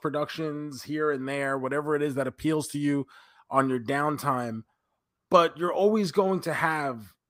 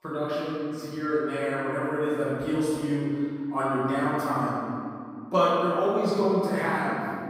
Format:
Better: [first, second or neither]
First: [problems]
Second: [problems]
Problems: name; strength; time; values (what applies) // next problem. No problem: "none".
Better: first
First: none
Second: room echo; strong; dies away in 2.3 s // off-mic speech; far